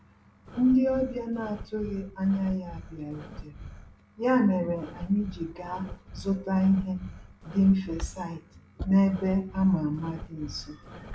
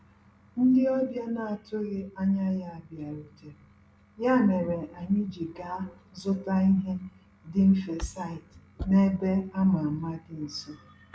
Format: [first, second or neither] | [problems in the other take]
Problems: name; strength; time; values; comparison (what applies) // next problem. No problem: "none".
second | background sound (Breathing); 16 dB below the speech